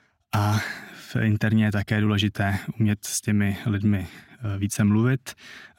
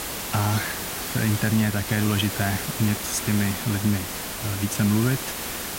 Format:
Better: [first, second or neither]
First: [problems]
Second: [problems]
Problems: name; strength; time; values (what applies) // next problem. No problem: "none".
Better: first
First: none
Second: hiss; loud; throughout; 4 dB below the speech